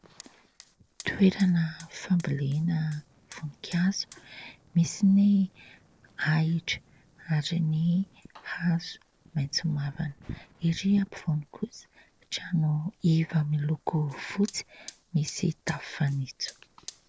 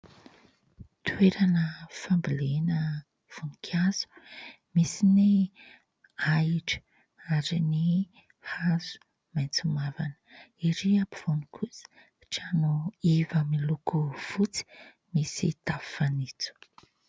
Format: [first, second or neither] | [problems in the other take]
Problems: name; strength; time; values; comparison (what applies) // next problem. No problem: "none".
second | noise reduction (neural separator model SepFormer DNS4)